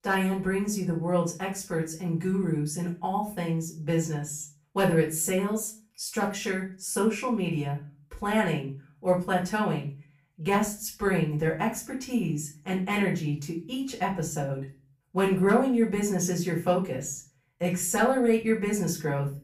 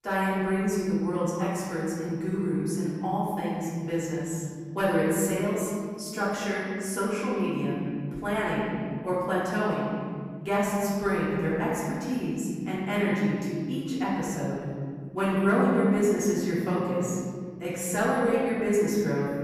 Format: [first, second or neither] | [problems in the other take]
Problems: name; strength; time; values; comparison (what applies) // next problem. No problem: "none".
first | room echo; strong; dies away in 2.4 s; slight in the first // off-mic speech; far; far in the first